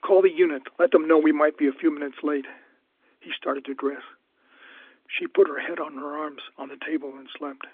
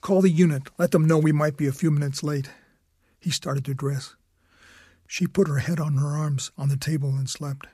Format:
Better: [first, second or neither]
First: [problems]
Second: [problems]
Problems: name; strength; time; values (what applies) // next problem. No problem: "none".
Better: second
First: phone-call audio; nothing above 3.5 kHz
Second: none